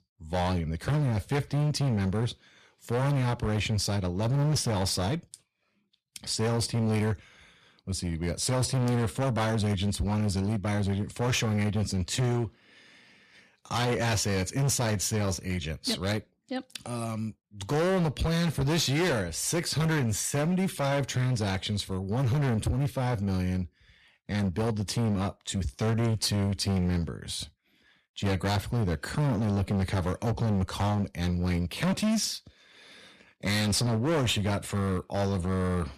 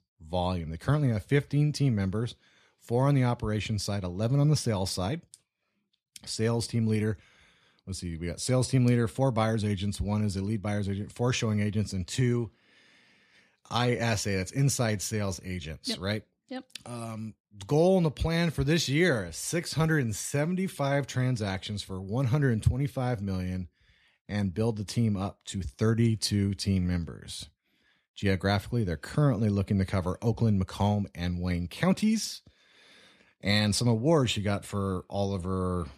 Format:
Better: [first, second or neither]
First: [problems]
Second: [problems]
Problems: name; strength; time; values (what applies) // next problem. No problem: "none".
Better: second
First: distortion; heavy; 18% of the sound clipped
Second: none